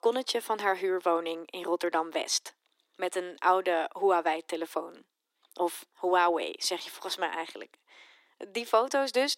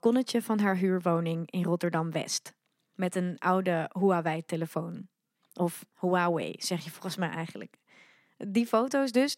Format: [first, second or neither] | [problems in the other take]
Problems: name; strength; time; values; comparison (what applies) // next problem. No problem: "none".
second | thin; very; fading below 350 Hz